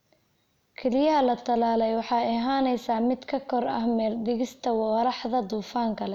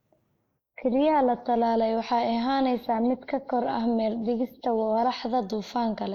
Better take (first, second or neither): first